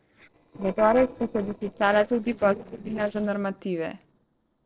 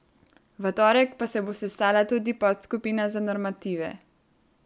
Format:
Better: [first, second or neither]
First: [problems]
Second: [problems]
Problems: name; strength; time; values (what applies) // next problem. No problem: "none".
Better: second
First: noise reduction (neural separator model SepFormer DNS4)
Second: none